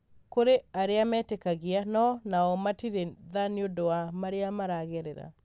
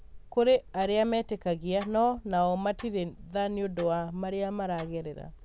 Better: first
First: none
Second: background sound (Tick-tock); 19 dB below the speech

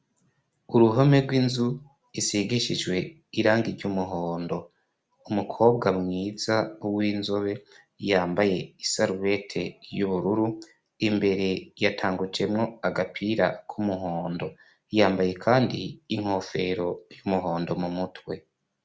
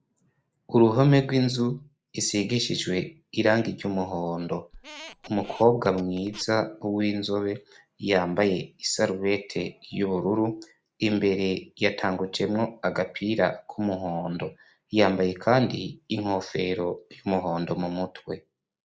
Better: first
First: none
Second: noise reduction (neural mask model Resemble Enhance denoiser)

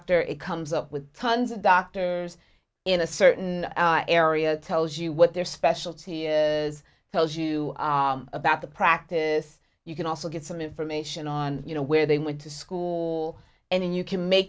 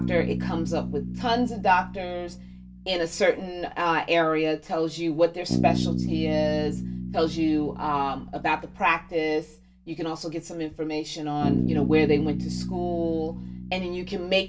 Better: first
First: none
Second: background sound (Bass guitar); 5 dB below the speech // room echo; dies away in 0.2 s

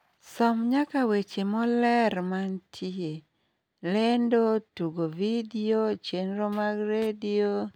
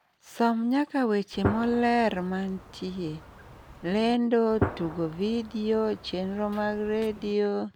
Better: first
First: none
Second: background sound (Gunshot, gunfire); 9 dB below the speech

